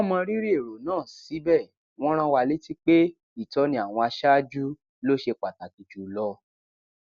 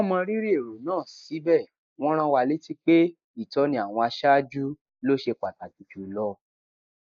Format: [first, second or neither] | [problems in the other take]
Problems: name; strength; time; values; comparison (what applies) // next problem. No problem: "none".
first | noise reduction (neural mask model Resemble Enhance denoiser)